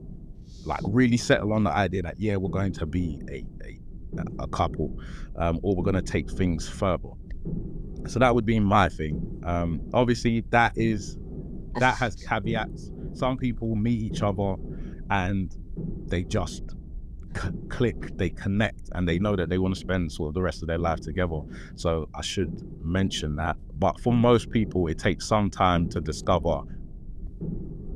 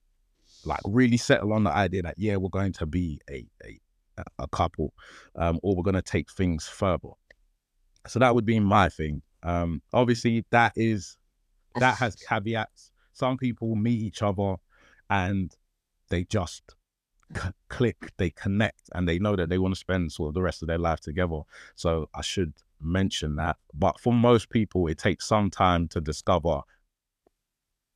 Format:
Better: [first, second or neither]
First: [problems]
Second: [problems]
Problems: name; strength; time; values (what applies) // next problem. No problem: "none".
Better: second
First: low rumble; noticeable; throughout; 20 dB below the speech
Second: none